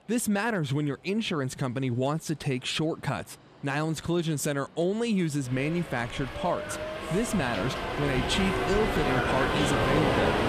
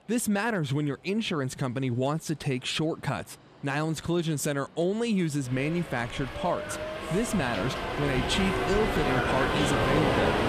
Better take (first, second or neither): neither